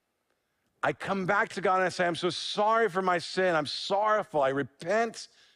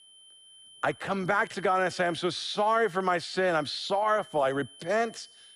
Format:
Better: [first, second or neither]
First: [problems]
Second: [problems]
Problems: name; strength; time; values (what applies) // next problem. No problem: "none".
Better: first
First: none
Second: high-pitched whine; faint; throughout; 3 kHz, 25 dB below the speech